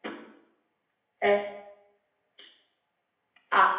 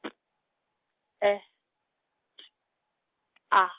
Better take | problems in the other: second | room echo; dies away in 0.8 s

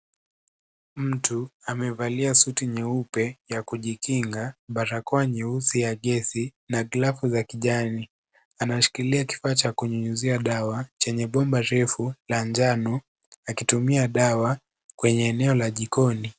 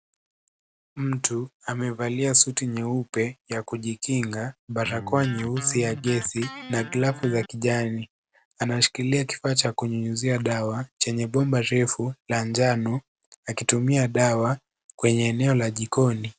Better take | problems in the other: first | background sound (Electric guitar); 13 dB below the speech

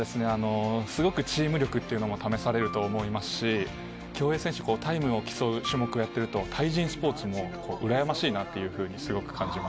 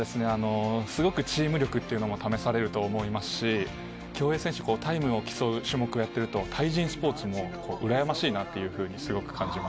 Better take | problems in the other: second | background sound (Piano); 14 dB below the speech

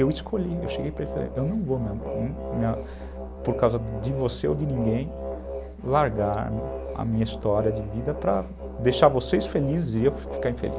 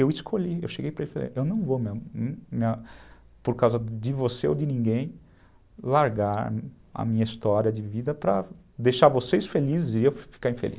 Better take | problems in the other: second | background sound (Musical instrument); 7 dB below the speech

